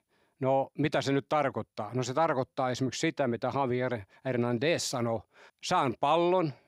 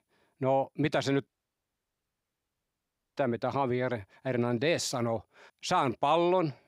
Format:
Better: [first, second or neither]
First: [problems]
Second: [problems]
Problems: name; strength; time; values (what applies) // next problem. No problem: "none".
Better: first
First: none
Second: audio cutting out; at 1.5 s for 2 s